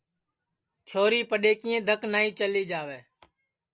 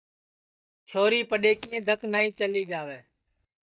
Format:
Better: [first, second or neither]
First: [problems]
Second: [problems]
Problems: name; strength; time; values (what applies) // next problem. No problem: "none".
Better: first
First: none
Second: noise reduction (neural mask model DeepFilterNet 3)